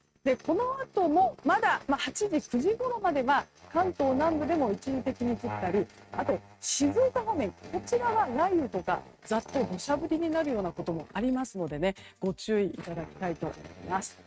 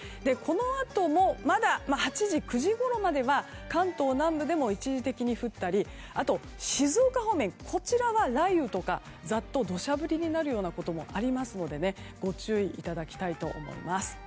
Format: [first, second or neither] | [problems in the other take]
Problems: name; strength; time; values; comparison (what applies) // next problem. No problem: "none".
second | noise reduction (neural mask model RNNoise)